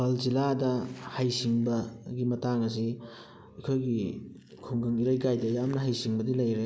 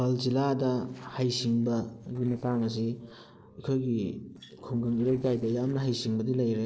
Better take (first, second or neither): first